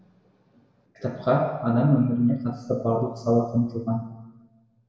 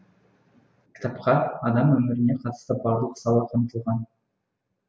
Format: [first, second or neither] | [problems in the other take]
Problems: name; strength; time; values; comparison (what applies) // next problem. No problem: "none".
second | room echo; dies away in 1.2 s